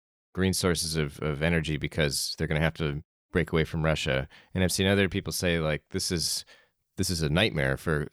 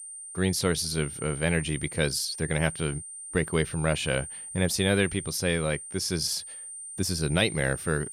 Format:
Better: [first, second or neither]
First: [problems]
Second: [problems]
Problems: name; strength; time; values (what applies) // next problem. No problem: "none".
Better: first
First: none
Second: high-pitched whine; loud; throughout; 9 kHz, 10 dB below the speech